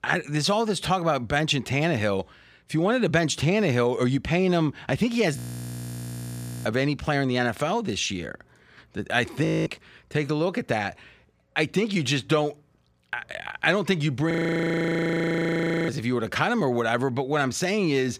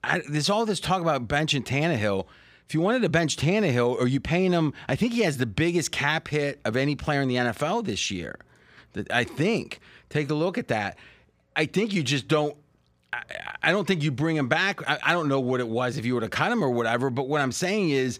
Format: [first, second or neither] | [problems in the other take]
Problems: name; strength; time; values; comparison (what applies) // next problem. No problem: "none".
second | audio freezing; at 5.5 s for 1.5 s, at 9.5 s and at 14 s for 1.5 s